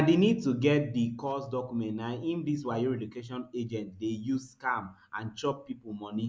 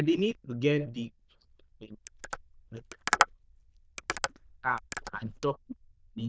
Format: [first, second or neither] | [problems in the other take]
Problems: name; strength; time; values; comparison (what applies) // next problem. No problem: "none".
first | noise reduction (neural diffusion model UNIVERSE++)